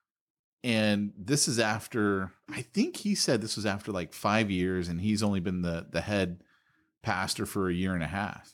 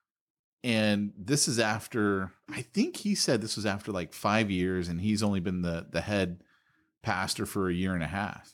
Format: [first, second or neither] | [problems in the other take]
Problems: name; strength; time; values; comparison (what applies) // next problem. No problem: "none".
neither | none